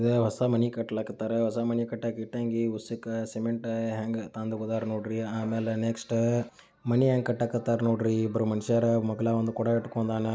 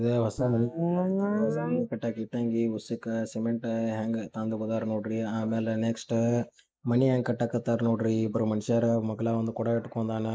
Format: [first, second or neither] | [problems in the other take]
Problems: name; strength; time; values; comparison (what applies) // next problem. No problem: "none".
first | noise reduction (neural mask model Resemble Enhance denoiser)